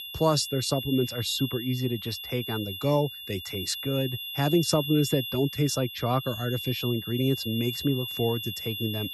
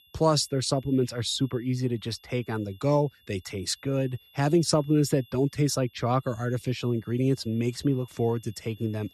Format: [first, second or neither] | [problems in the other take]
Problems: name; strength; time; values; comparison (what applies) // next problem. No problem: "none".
second | high-pitched whine; loud; throughout; 3.5 kHz, 6 dB below the speech; faint in the second